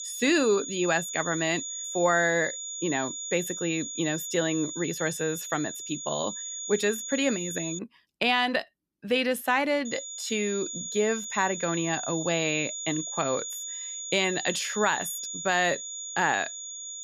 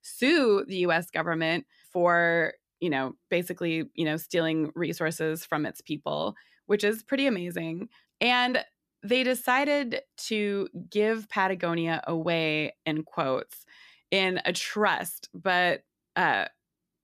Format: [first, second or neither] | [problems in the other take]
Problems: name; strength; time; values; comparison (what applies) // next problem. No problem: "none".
second | high-pitched whine; loud; until 8 s and from 10 s on; 7 kHz, 6 dB below the speech